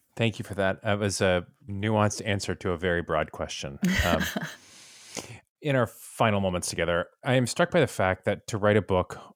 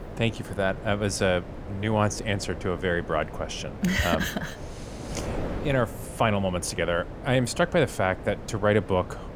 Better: first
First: none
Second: wind noise on the microphone; occasional gusts; 15 dB below the speech

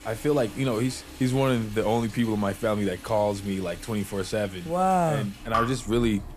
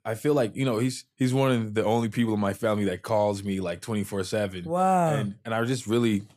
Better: second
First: rain or running water; noticeable; throughout; 10 dB below the speech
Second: none

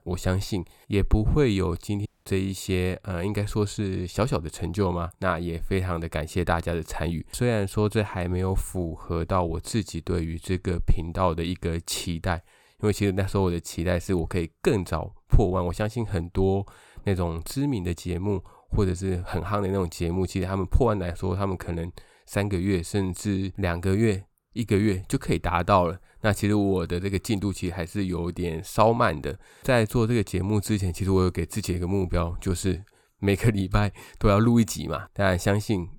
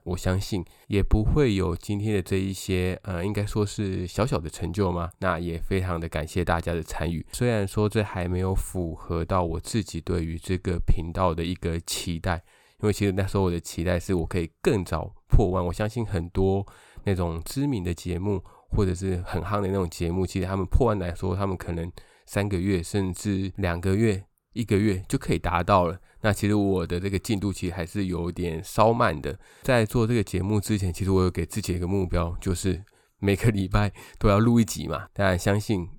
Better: second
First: audio cutting out; at 2 s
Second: none

